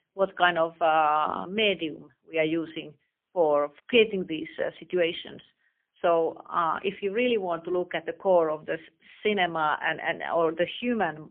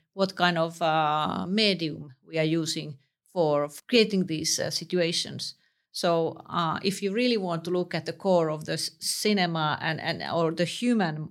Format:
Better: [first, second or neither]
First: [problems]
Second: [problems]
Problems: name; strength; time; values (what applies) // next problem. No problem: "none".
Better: second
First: phone-call audio; poor line; nothing above 3.5 kHz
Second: none